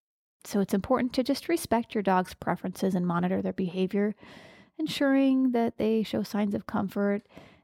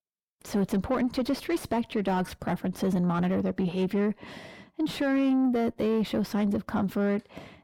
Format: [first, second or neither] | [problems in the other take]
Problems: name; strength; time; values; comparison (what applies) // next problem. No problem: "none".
first | distortion; slight; 10 dB below the speech